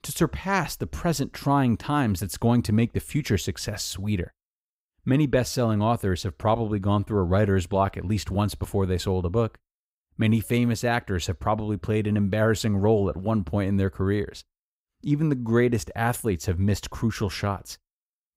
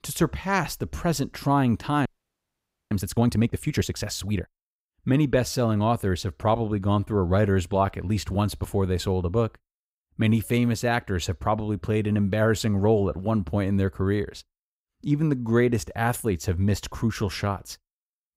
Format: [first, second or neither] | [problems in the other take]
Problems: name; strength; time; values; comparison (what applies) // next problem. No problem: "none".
first | audio freezing; at 2 s for 1 s